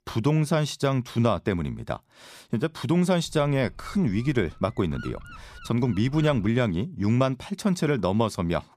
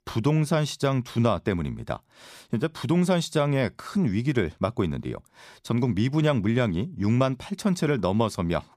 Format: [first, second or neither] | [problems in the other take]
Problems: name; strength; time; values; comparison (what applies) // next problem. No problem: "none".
second | wind noise on the microphone; occasional gusts; from 3.5 to 6.5 s; 20 dB below the speech